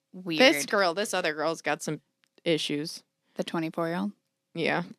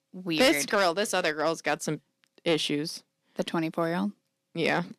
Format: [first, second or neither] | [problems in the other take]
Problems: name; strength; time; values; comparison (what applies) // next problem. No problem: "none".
first | distortion; slight; 2% of the sound clipped